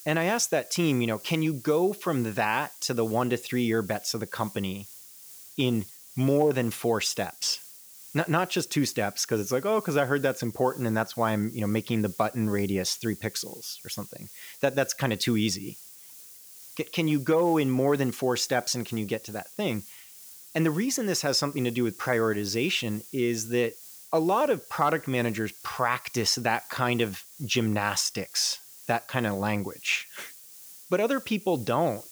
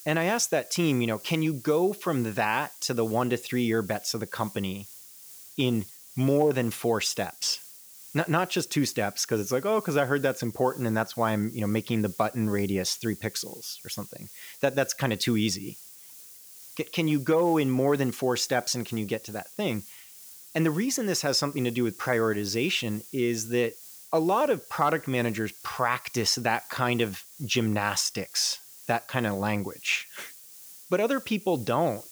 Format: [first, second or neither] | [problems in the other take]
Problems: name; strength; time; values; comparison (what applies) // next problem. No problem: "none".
neither | hiss; noticeable; throughout; 15 dB below the speech; the same in both